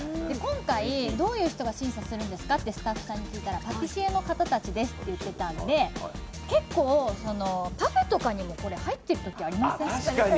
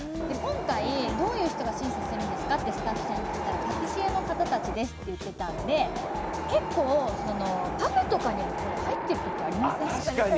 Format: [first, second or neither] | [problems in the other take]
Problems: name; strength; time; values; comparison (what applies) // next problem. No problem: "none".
first | background sound (Wind); 3 dB below the speech